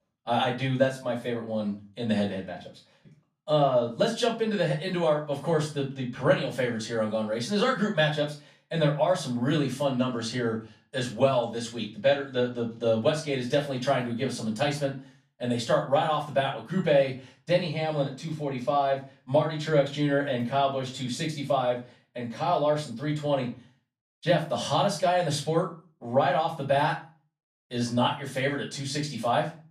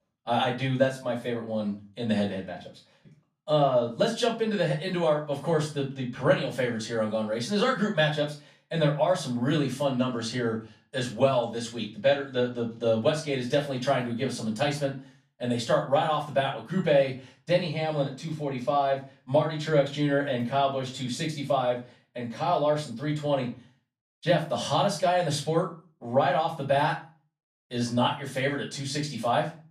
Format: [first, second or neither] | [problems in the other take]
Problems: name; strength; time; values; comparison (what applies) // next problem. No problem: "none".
neither | off-mic speech; far; the same in both // room echo; slight; dies away in 0.3 s; the same in both